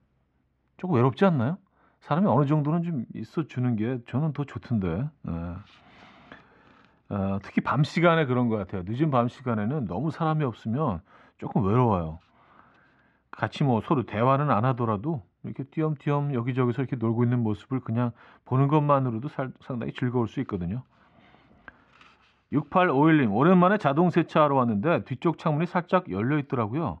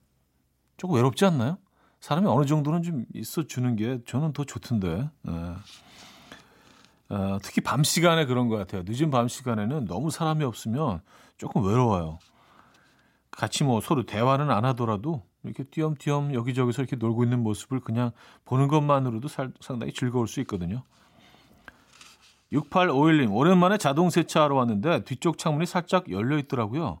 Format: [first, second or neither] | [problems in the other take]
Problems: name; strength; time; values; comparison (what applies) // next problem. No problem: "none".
second | muffled; very; fading above 2 kHz